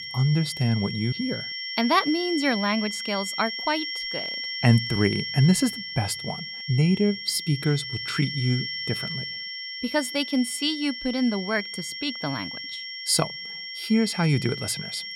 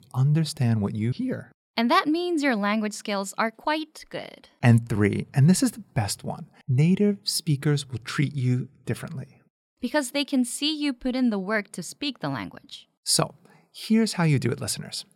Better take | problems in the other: second | high-pitched whine; loud; throughout; 2 kHz, 6 dB below the speech

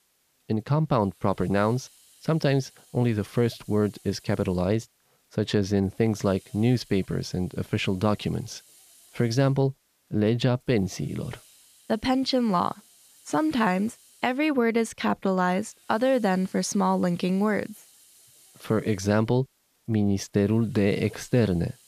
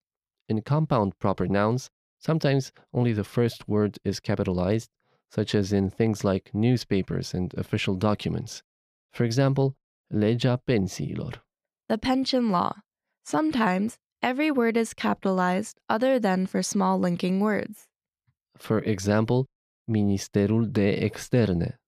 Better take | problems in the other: second | hiss; faint; throughout; 30 dB below the speech

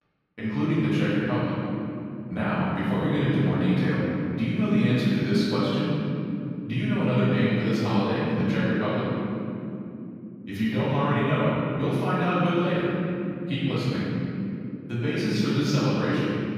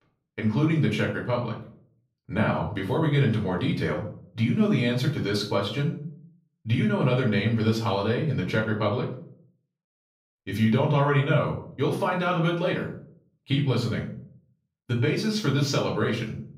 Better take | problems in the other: second | room echo; strong; dies away in 3 s; slight in the second // off-mic speech; far; far in the second

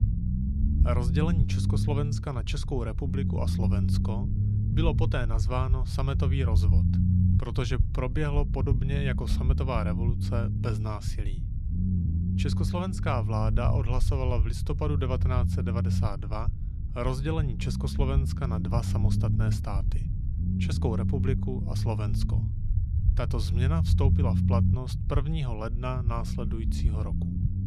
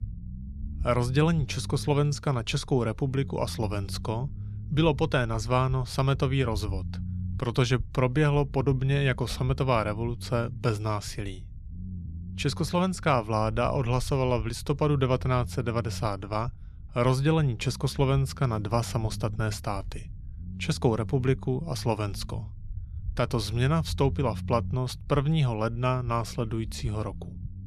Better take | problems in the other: second | low rumble; loud; throughout; 5 dB below the speech; faint in the second

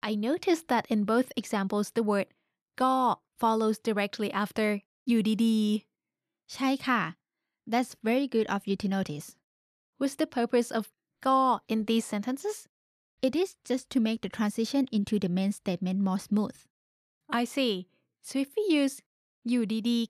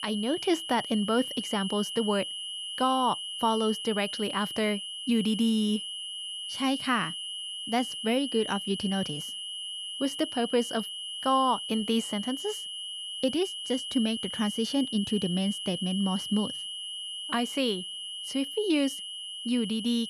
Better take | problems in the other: first | high-pitched whine; loud; throughout; 3 kHz, 5 dB below the speech

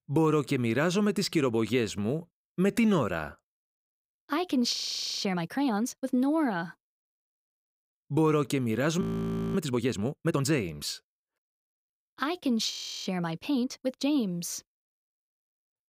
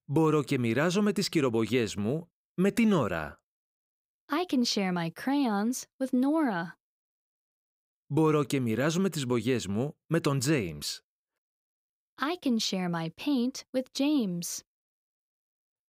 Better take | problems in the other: second | audio freezing; at 4.5 s, at 9 s for 0.5 s and at 13 s

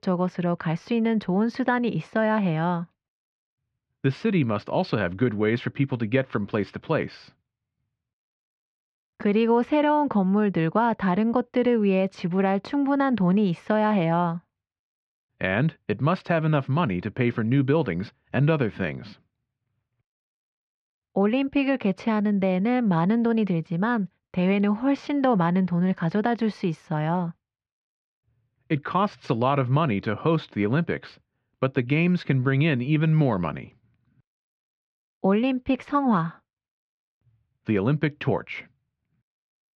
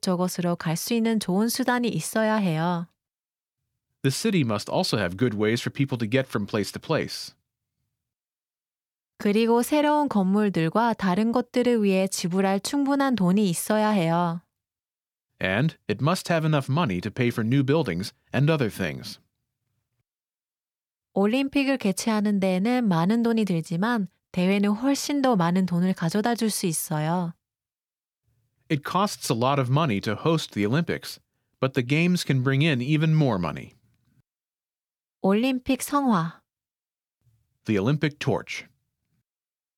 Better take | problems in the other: second | muffled; very; fading above 3 kHz

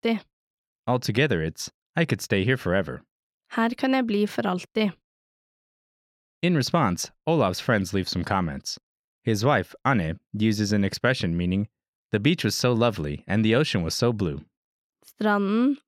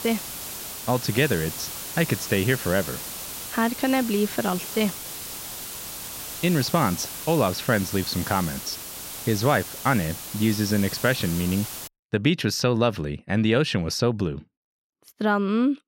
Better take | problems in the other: first | hiss; loud; until 12 s; 8 dB below the speech

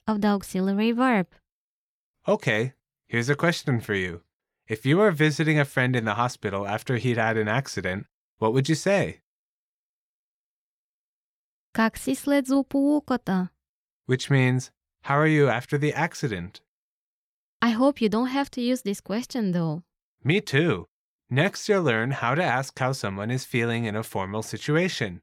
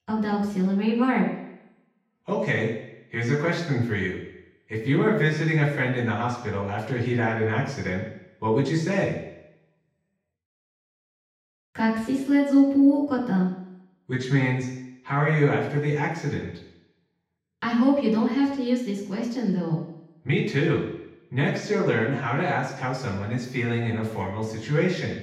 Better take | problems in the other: first | room echo; noticeable; dies away in 0.8 s // off-mic speech; far

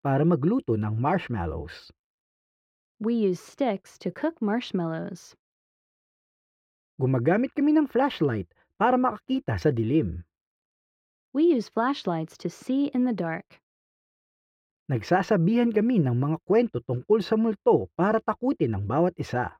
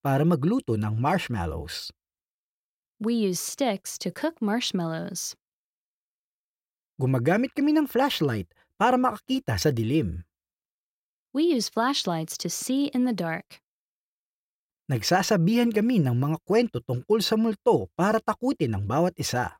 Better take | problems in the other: second | muffled; slightly; fading above 4 kHz

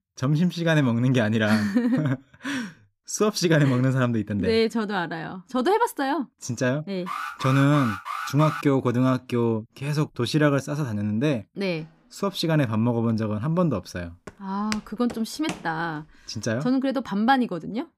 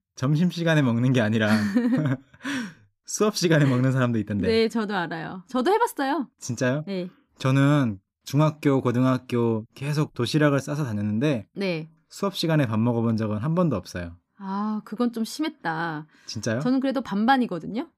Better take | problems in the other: second | alarm; noticeable; from 7 to 8.5 s; peak 6 dB below the speech // footsteps; faint; from 14 to 16 s; peak 10 dB below the speech

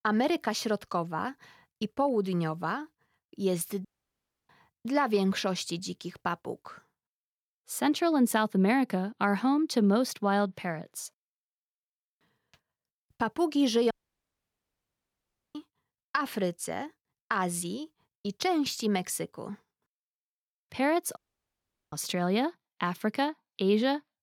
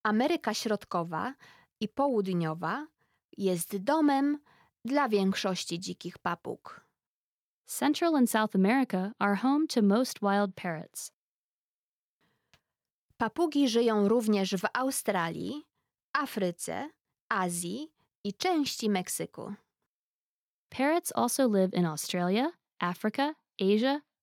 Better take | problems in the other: second | audio cutting out; at 4 s for 0.5 s, at 14 s for 1.5 s and at 21 s for 1 s

